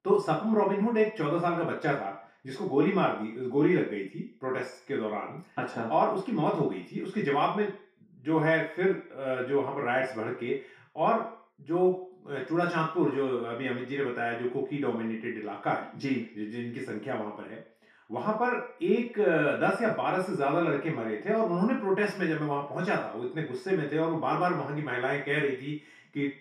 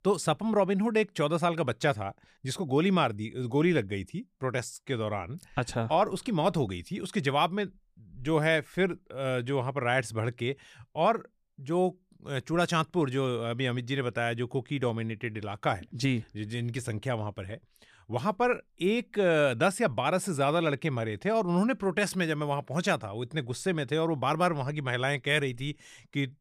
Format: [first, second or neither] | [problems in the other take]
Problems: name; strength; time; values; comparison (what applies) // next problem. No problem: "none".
second | room echo; noticeable; dies away in 0.5 s // off-mic speech; far